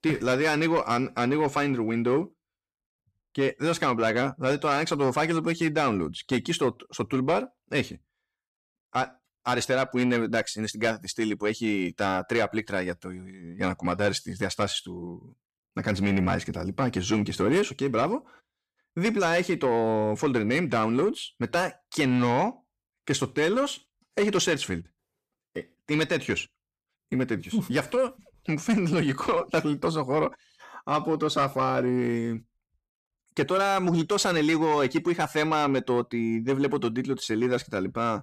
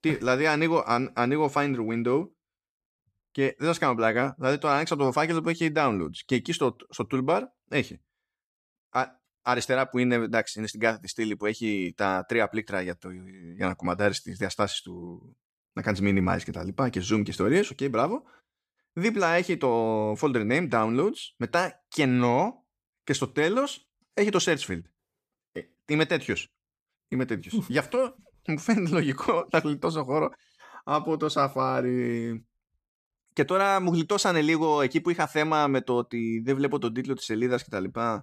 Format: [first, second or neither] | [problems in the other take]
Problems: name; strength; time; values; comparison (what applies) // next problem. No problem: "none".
second | distortion; slight; 10 dB below the speech